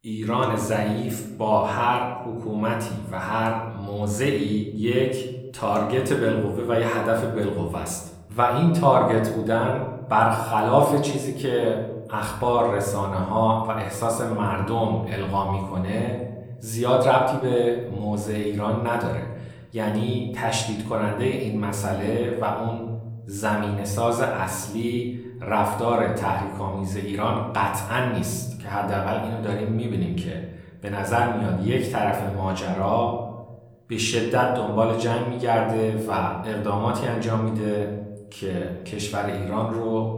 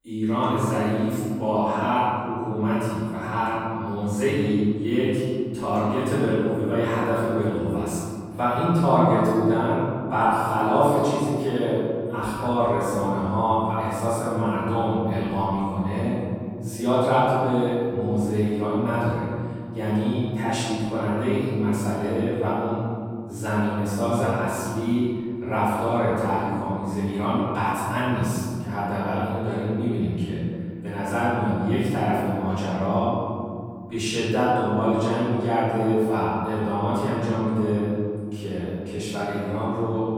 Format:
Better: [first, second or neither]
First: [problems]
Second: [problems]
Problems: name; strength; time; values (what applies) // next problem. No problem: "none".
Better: first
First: room echo; slight; dies away in 0.9 s // off-mic speech; somewhat distant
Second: room echo; strong; dies away in 2.6 s // off-mic speech; far